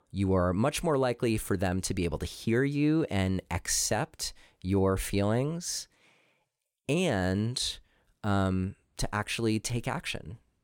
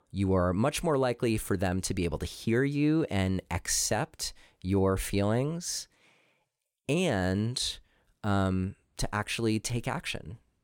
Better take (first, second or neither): neither